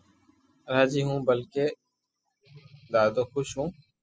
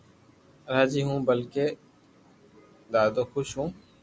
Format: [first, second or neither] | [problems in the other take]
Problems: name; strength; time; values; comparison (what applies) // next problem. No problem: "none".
second | noise reduction (classical method spectral subtraction)